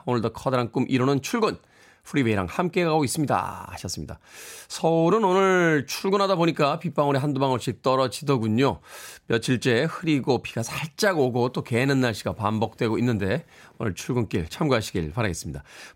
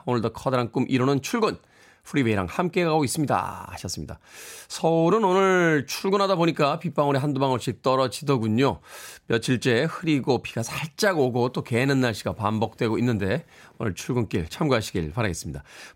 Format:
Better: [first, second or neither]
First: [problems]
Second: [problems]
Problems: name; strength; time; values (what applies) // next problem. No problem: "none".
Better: neither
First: none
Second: none